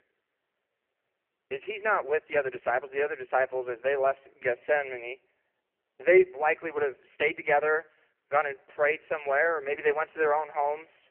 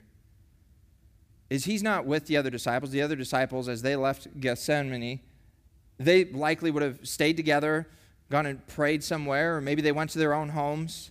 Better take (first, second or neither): second